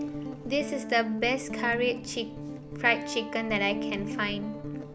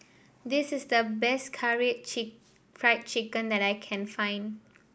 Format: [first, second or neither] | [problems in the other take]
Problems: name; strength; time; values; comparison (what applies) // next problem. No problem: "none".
second | background sound (Guitar); 6 dB below the speech